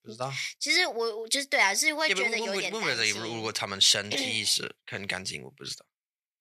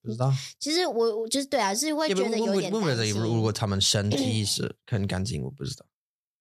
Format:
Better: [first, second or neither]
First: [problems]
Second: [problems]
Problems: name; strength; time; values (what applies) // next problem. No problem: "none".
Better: second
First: thin; somewhat; fading below 900 Hz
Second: none